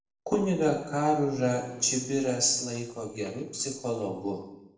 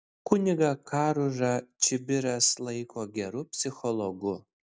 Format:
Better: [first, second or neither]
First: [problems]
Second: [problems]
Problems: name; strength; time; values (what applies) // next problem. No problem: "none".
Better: second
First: noise reduction (neural separator model SepFormer DNS4)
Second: none